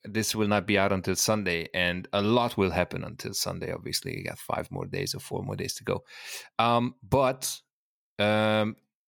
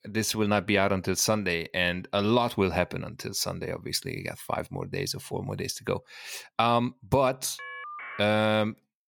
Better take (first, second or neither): first